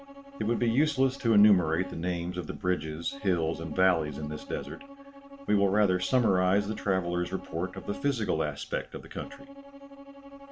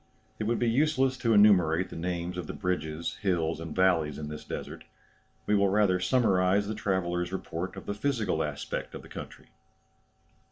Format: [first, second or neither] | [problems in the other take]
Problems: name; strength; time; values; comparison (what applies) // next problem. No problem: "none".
second | background sound (Bowed string instrument); 17 dB below the speech